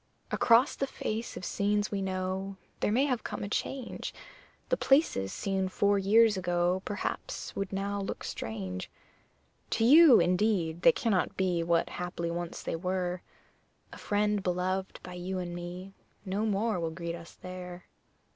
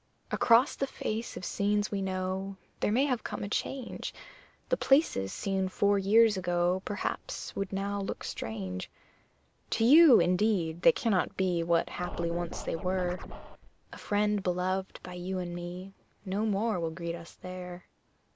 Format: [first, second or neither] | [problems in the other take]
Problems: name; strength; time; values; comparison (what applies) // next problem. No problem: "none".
first | background sound (Scratching (performance technique)); 8 dB below the speech